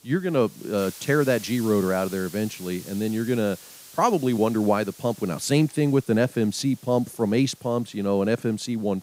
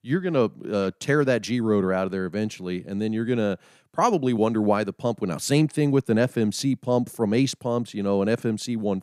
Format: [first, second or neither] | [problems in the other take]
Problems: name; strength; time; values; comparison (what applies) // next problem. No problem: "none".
second | hiss; noticeable; throughout; 20 dB below the speech